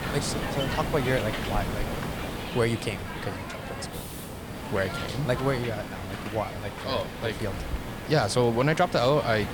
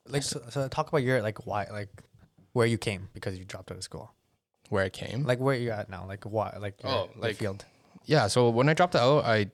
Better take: second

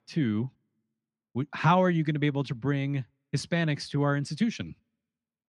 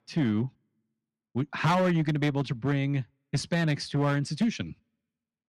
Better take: first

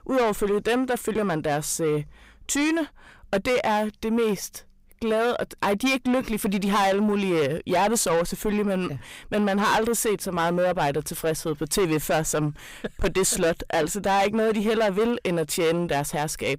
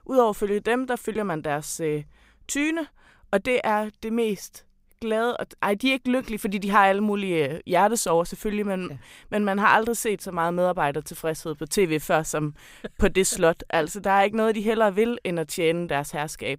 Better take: second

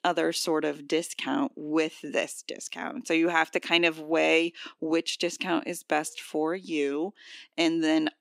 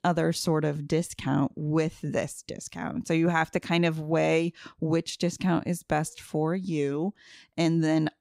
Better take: second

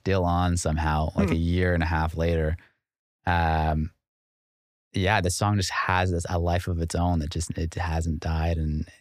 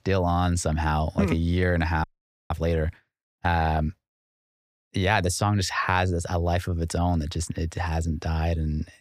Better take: first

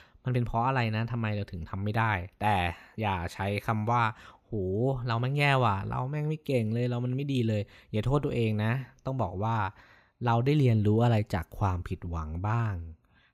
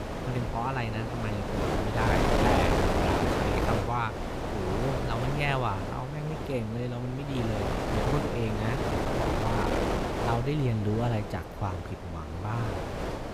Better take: first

